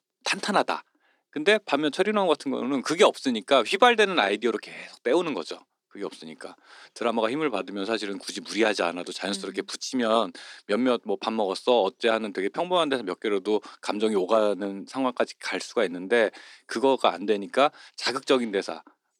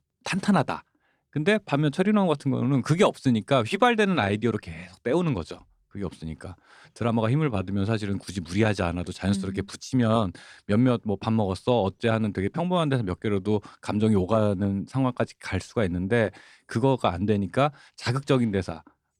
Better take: second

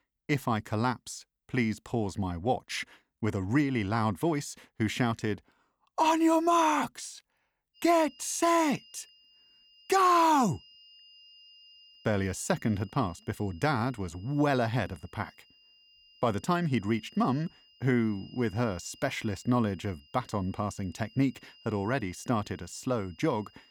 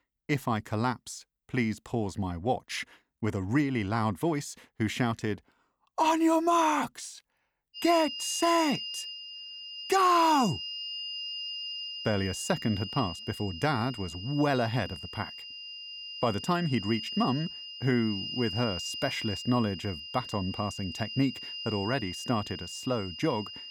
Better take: first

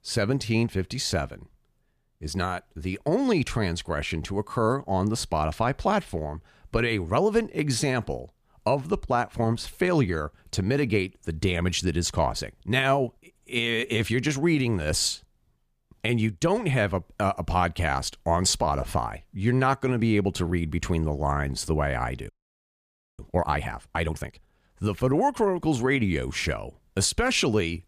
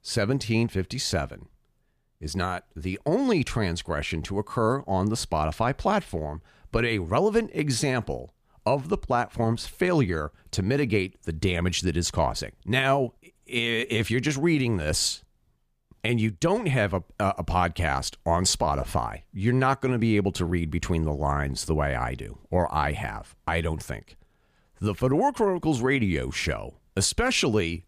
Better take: second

